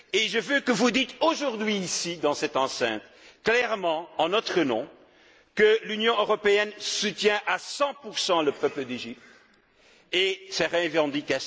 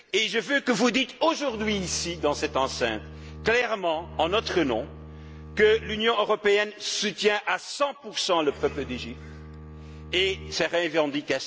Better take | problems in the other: first | background sound (Bowed string instrument); 15 dB below the speech

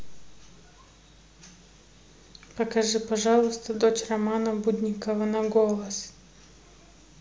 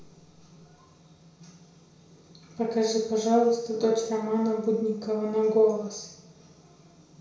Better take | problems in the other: first | room echo; dies away in 0.6 s

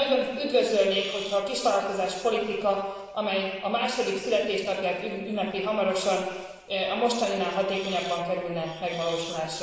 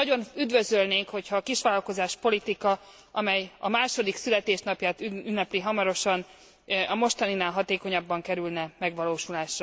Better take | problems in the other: second | background sound (Hiss); 15 dB below the speech // room echo; dies away in 1.3 s

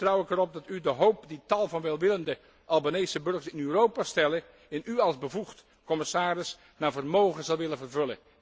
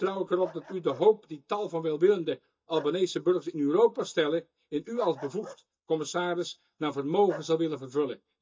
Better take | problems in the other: first | noise reduction (neural mask model DeepFilterNet 3)

